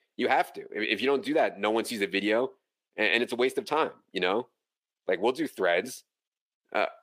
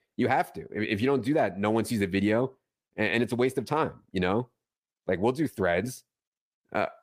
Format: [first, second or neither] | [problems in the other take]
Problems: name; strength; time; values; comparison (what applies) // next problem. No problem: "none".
second | thin; somewhat; fading below 400 Hz